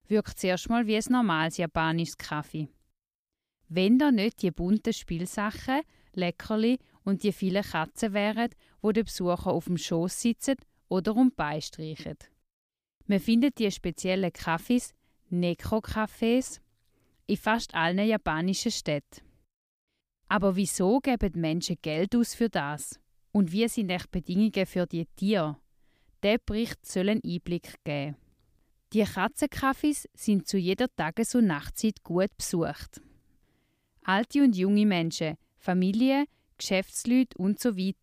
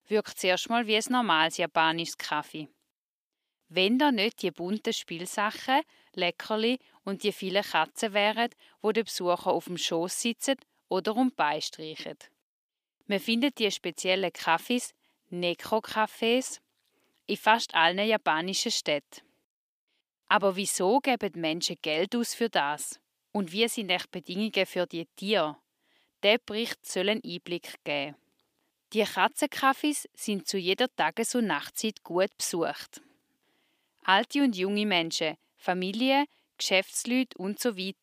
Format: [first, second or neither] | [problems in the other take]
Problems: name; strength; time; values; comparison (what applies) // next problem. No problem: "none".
first | thin; somewhat; fading below 350 Hz